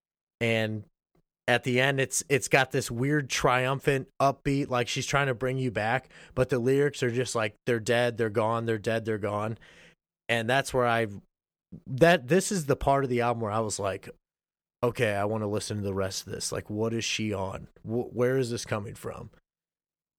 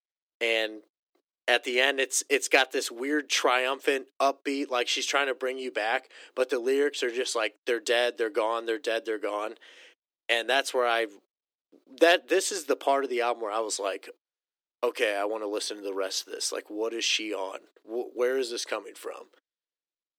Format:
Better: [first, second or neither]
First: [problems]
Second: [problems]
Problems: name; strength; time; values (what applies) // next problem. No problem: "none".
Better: first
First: none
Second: thin; somewhat; fading below 300 Hz